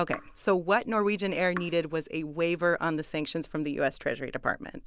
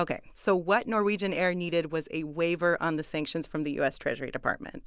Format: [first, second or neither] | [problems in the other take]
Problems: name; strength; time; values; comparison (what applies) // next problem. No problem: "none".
second | background sound (Raindrop / Drip); 16 dB below the speech